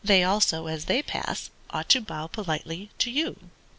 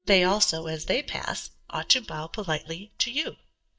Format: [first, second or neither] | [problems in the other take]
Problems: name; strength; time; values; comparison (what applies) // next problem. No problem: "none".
first | noise reduction (neural mask model DeepFilterNet 3)